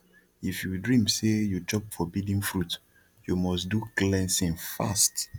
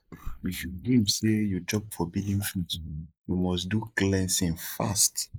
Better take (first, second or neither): first